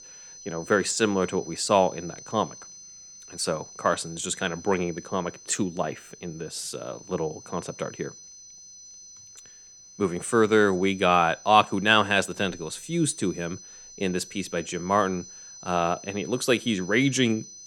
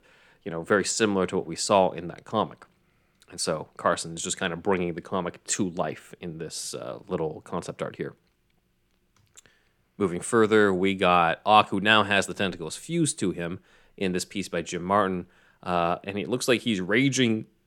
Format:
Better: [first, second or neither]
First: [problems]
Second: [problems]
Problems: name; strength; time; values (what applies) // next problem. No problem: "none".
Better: second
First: high-pitched whine; noticeable; throughout; 6 kHz, 20 dB below the speech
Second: none